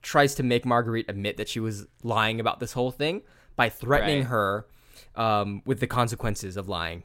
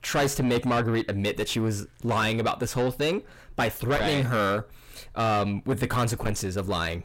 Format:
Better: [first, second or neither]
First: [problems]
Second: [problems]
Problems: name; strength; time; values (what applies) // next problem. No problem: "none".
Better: first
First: none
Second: distortion; heavy; 6 dB below the speech